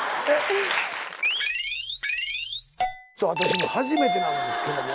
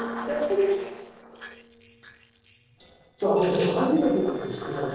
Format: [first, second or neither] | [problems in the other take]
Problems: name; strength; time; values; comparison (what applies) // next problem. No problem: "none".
first | noise reduction (neural separator model SepFormer DNS4)